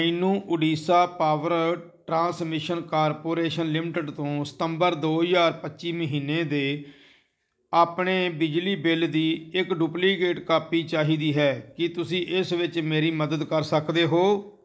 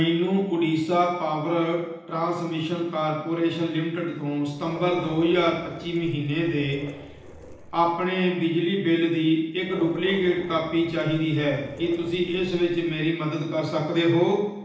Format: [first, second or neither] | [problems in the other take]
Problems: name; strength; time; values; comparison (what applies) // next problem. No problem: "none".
first | background sound (Dog); 18 dB below the speech // room echo; dies away in 0.9 s